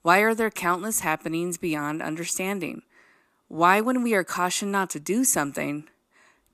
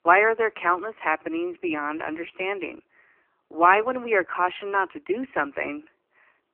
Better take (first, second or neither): first